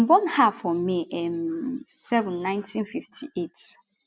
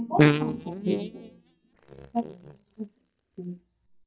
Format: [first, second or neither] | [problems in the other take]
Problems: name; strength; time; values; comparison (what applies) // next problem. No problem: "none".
first | noise reduction (neural mask model DeepFilterNet 3)